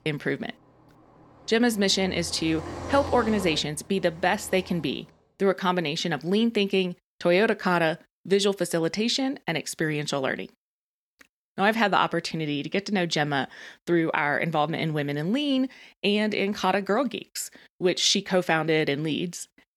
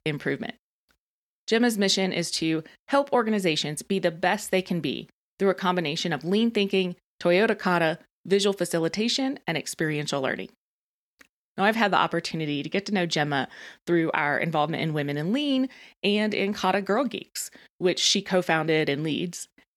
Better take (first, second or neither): second